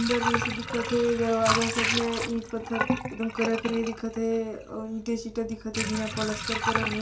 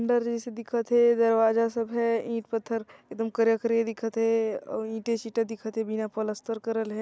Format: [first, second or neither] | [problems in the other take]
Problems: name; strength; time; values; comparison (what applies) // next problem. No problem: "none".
second | background sound (Sink (filling or washing) / Water); 2 dB below the speech // room echo; dies away in 0.2 s